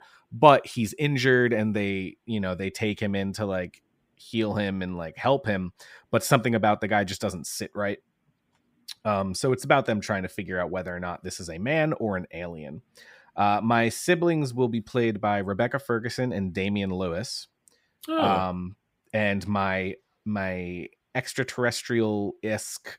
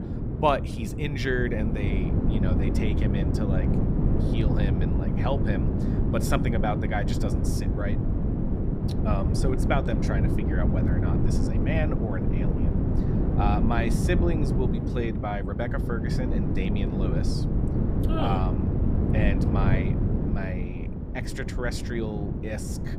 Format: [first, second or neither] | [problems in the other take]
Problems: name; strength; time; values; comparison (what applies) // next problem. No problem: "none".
first | wind noise on the microphone; heavy; 2 dB below the speech